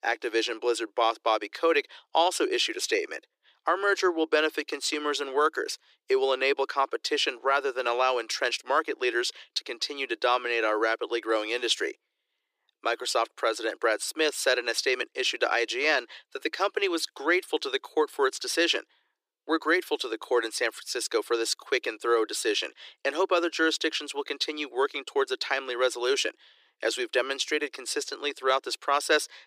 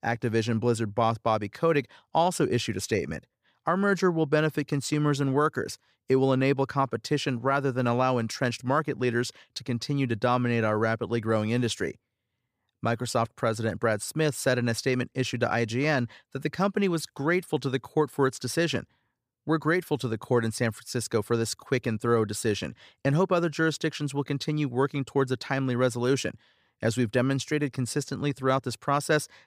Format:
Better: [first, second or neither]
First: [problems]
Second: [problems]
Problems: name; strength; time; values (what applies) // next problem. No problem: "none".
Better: second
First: thin; very; fading below 300 Hz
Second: none